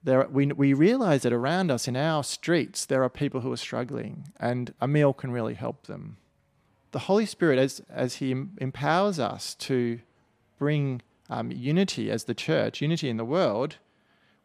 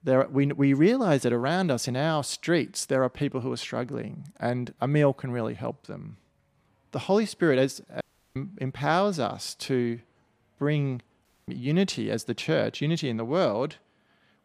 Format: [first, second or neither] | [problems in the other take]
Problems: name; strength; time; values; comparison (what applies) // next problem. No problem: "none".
first | audio cutting out; at 8 s and at 11 s